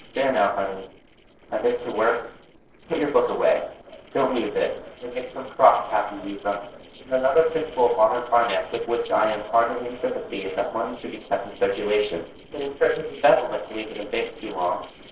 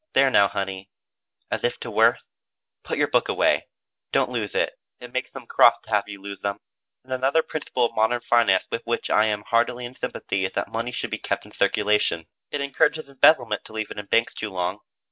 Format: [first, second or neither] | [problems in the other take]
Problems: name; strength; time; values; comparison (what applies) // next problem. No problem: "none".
second | noise reduction (neural separator model SepFormer DNS4)